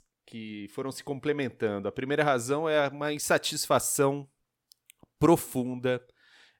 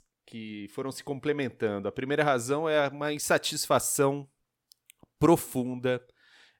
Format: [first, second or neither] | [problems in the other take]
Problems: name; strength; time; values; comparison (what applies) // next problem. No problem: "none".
neither | none